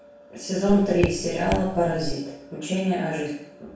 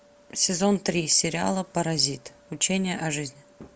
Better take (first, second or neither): second